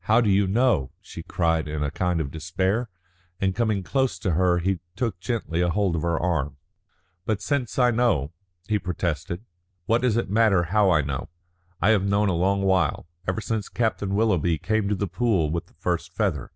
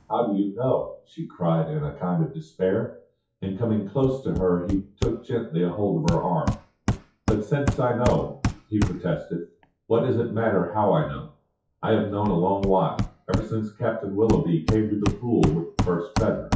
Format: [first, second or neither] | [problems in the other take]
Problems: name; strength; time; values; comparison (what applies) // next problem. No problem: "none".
first | noise reduction (classical method WPE with log-MMSE)